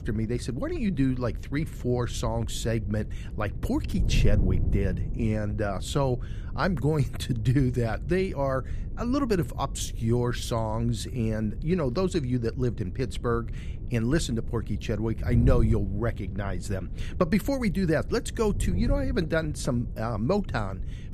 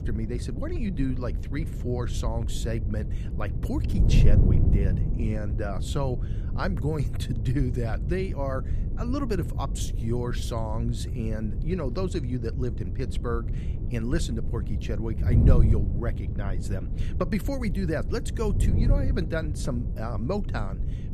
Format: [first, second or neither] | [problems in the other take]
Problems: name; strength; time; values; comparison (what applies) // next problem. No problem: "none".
first | wind noise on the microphone; heavy; 7 dB below the speech; occasional gusts in the first